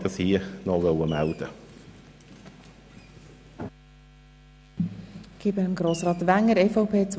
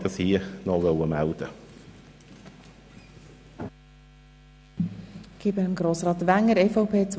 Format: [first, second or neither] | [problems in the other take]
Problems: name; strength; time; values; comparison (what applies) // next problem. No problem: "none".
second | background sound (Fireworks); 19 dB below the speech